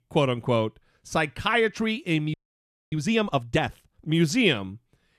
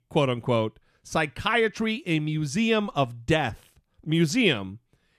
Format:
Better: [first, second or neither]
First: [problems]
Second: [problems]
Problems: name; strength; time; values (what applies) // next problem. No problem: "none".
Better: second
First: audio freezing; at 2.5 s for 0.5 s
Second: none